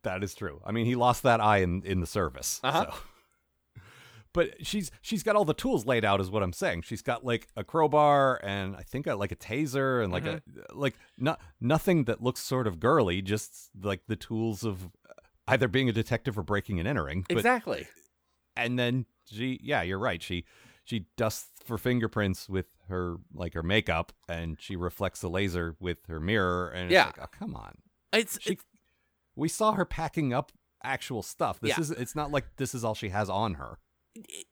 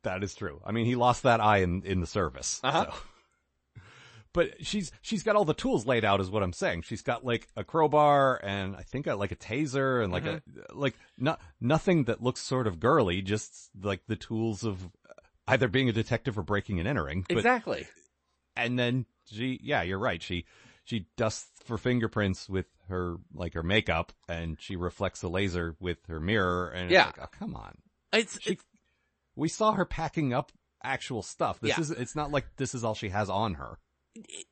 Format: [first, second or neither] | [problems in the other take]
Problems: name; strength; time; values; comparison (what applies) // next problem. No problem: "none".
first | garbled, watery; slightly; nothing above 8 kHz